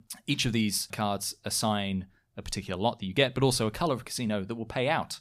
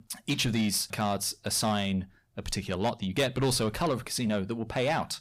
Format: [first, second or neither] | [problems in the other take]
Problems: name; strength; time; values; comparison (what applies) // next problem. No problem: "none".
first | distortion; slight; 10 dB below the speech